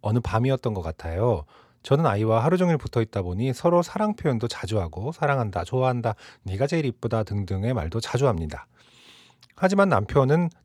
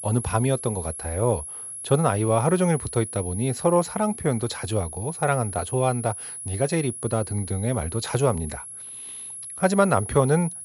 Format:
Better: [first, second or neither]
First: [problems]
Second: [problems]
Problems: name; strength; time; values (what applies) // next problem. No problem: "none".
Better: first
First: none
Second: high-pitched whine; loud; throughout; 11 kHz, 9 dB below the speech